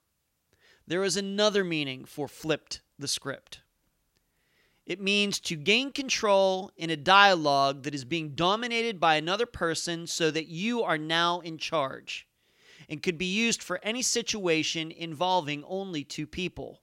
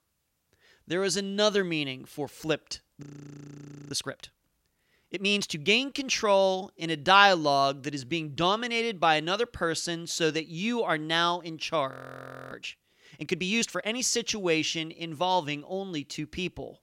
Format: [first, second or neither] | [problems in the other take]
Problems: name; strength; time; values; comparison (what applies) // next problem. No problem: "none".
first | audio freezing; at 3 s for 1 s and at 12 s for 0.5 s